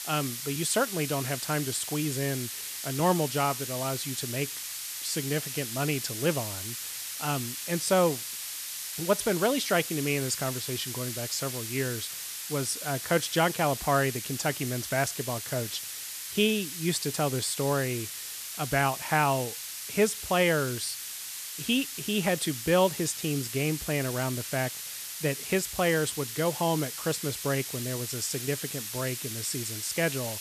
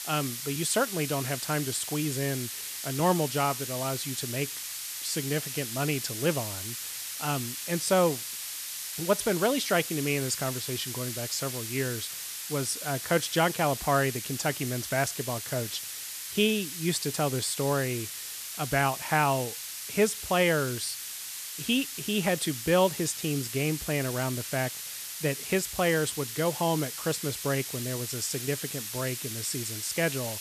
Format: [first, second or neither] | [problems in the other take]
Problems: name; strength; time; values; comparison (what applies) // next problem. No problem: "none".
neither | hiss; loud; throughout; 5 dB below the speech; the same in both